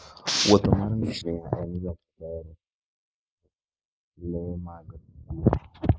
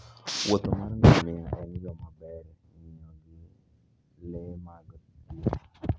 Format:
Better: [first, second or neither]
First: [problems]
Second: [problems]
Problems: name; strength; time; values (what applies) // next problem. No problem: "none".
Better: second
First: noise reduction (neural mask model Resemble Enhance denoiser)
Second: none